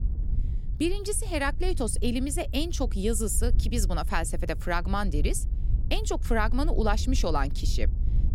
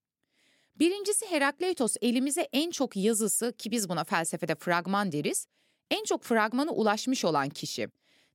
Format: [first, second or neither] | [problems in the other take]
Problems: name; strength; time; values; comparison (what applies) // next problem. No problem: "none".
second | wind noise on the microphone; occasional gusts; 20 dB below the speech